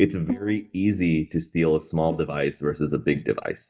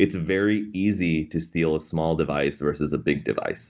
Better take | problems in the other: second | noise reduction (neural mask model DeepFilterNet 3)

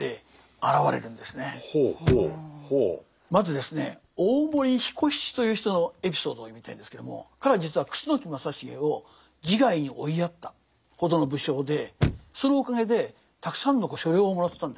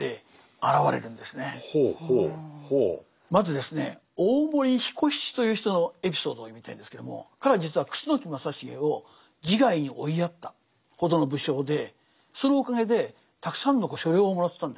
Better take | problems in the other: second | background sound (Chirp, tweet / Slam / Car); 13 dB below the speech

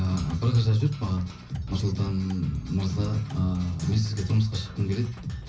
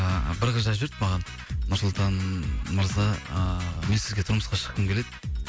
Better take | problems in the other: second | background sound (Percussion); 18 dB below the speech // room echo; dies away in 0.5 s

